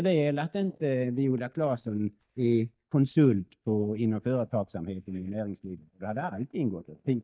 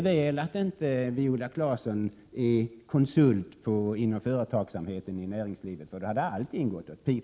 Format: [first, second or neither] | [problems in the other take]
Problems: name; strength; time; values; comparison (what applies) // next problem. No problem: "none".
second | noise reduction (neural mask model DeepFilterNet 3)